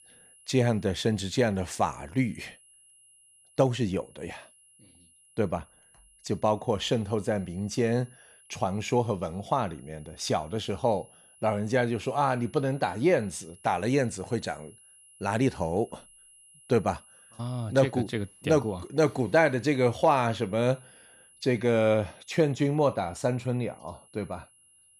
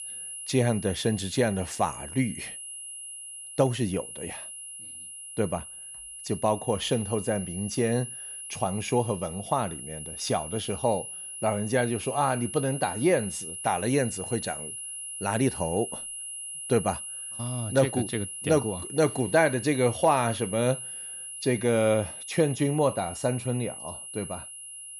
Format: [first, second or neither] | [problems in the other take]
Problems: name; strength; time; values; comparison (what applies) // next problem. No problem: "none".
first | high-pitched whine; loud; throughout; 10.5 kHz, 9 dB below the speech; faint in the first